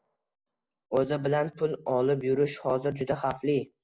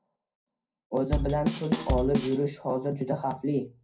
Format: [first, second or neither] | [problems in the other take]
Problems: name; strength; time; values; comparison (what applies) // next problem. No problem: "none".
first | background sound (Bass drum / Snare drum / Drum kit); as loud as the speech // room echo; dies away in 0.2 s